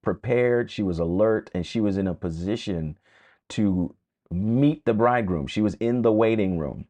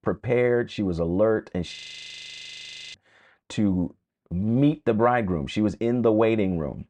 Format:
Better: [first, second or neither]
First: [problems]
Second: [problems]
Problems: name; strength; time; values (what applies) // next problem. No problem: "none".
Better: first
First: none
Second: audio freezing; at 2 s for 1 s